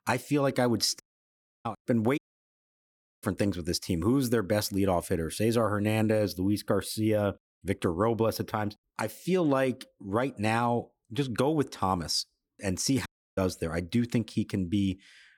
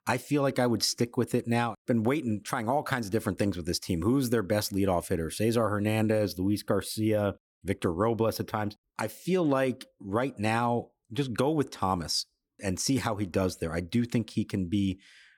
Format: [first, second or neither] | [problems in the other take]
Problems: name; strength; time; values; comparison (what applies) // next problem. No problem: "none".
second | audio cutting out; at 1 s for 0.5 s, at 2 s for 1 s and at 13 s